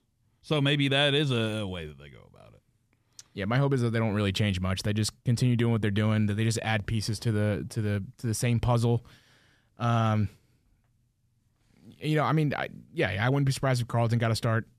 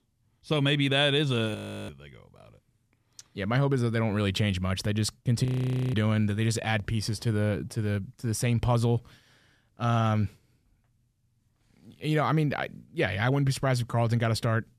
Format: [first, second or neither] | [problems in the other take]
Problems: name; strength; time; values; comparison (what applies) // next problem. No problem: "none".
first | audio freezing; at 1.5 s and at 5.5 s